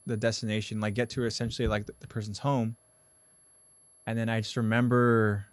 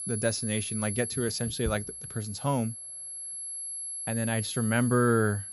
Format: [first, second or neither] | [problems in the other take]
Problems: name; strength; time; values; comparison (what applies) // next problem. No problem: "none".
first | high-pitched whine; loud; throughout; 11 kHz, 6 dB below the speech; faint in the first